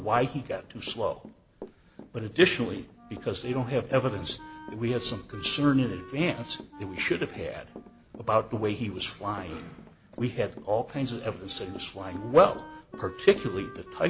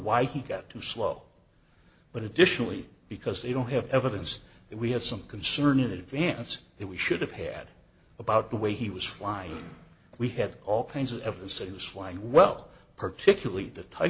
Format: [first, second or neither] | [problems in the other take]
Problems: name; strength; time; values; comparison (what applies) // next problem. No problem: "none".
second | background sound (Walk, footsteps / Run + Wind instrument, woodwind instrument); 17 dB below the speech